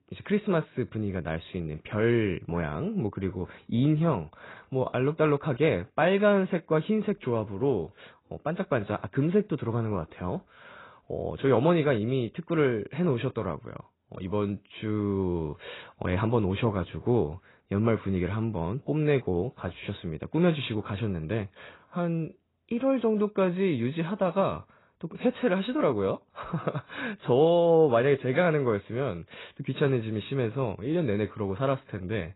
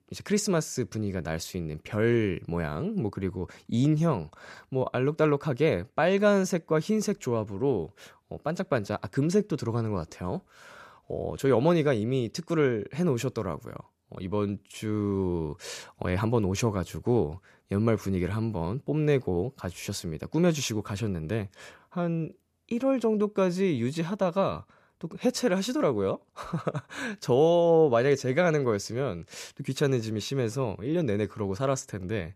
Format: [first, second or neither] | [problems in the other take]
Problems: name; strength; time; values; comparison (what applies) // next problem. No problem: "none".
second | garbled, watery; badly; nothing above 4 kHz